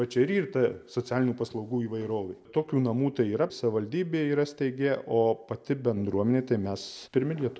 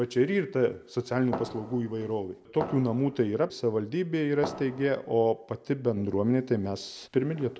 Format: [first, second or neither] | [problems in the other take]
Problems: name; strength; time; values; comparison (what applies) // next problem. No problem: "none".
first | background sound (Fireworks); 11 dB below the speech